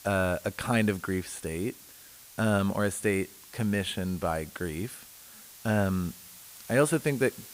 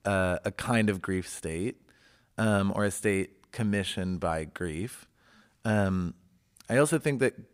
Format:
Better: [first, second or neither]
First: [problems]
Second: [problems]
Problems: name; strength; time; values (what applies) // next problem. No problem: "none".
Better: second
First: hiss; noticeable; throughout; 20 dB below the speech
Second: none